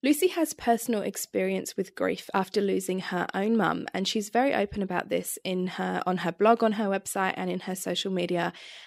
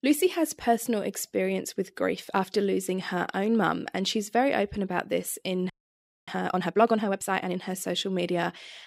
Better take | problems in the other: first | audio freezing; at 5.5 s for 0.5 s

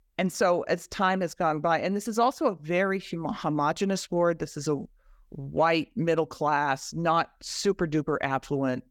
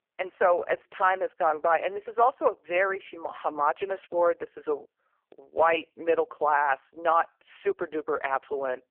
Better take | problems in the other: first | phone-call audio; poor line

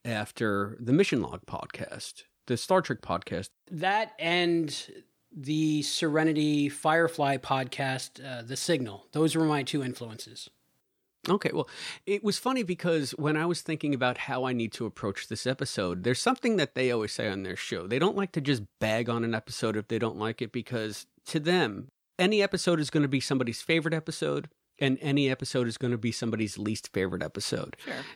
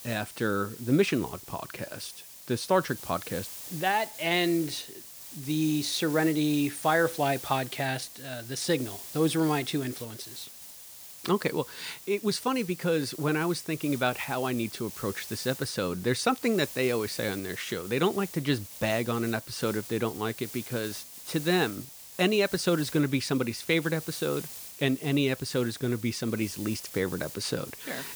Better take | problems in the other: first | hiss; noticeable; throughout; 10 dB below the speech

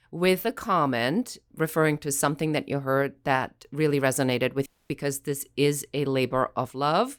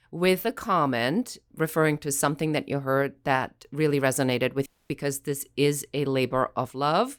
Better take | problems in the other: neither | audio cutting out; at 4.5 s; the same in both

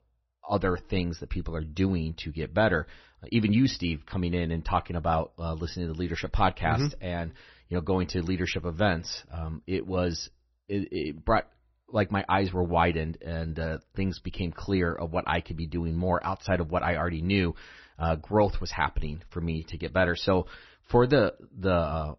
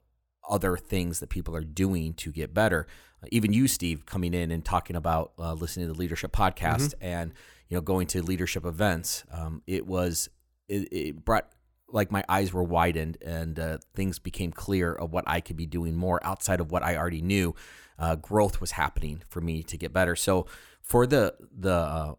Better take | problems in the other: second | garbled, watery; slightly; nothing above 6 kHz

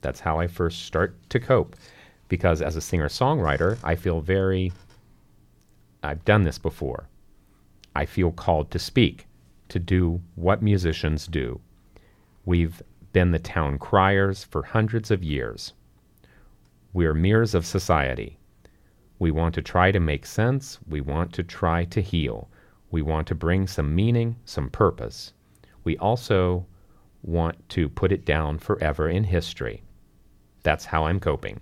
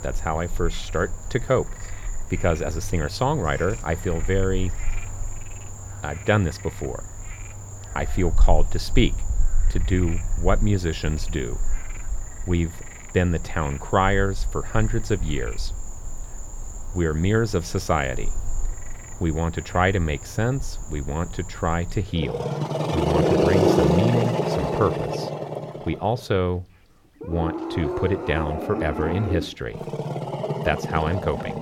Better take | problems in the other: first | animal sounds; loud; throughout; 4 dB below the speech

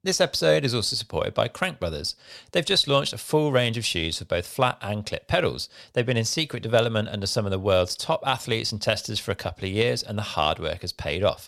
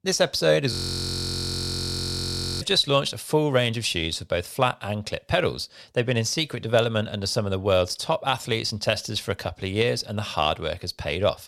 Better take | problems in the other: first | audio freezing; at 0.5 s for 2 s

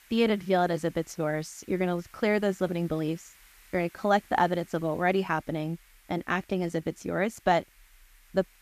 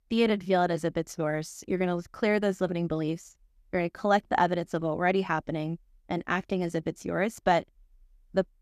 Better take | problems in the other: second | hiss; faint; throughout; 25 dB below the speech

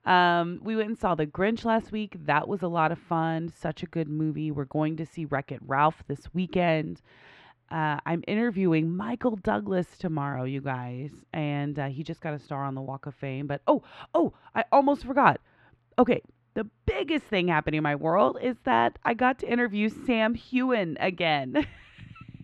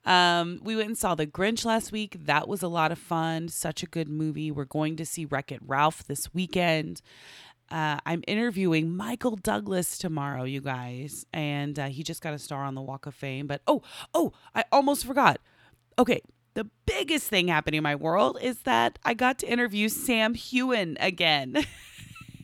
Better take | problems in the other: second | muffled; very; fading above 2 kHz

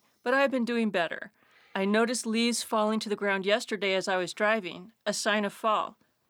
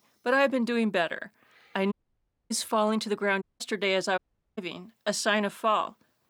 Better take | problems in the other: first | audio cutting out; at 2 s for 0.5 s, at 3.5 s and at 4 s

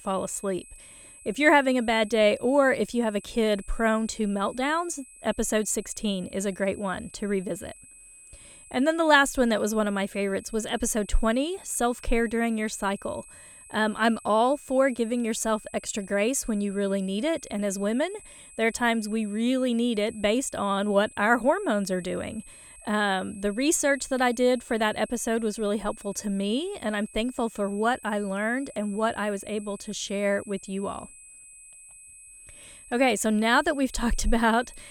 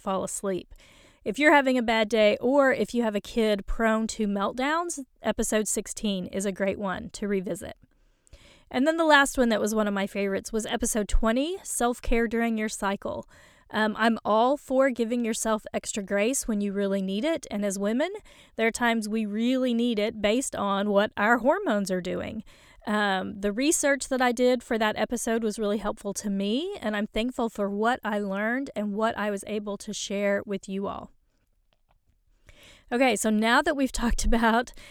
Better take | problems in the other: second | high-pitched whine; faint; throughout; 8 kHz, 20 dB below the speech

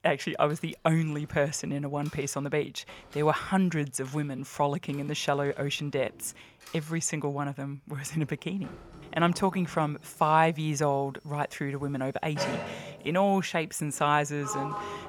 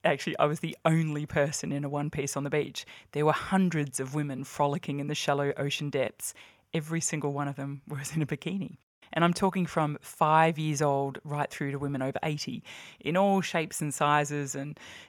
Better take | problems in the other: second | household noises; noticeable; throughout; 15 dB below the speech

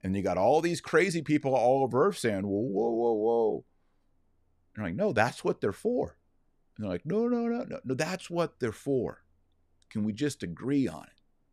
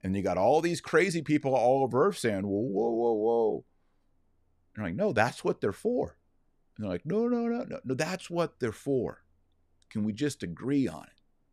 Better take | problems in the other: neither | none

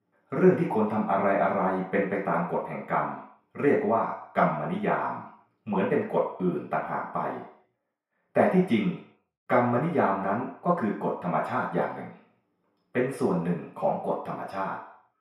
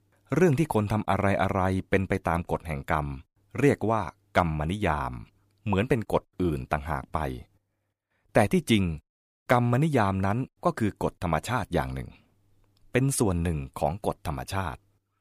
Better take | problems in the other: second | room echo; noticeable; dies away in 0.6 s // off-mic speech; far

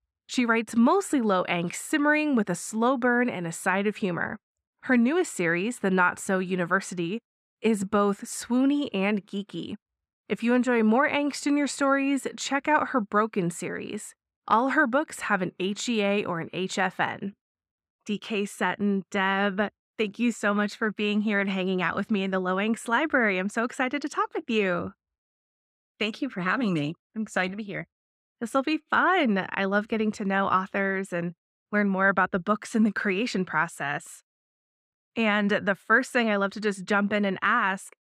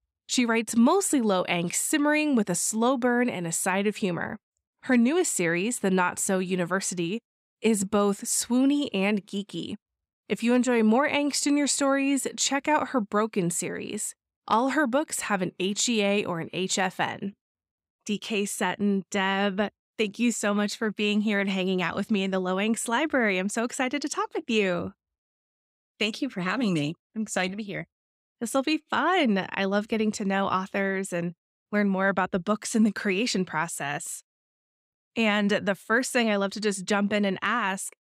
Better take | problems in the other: second | muffled; slightly; fading above 3.5 kHz

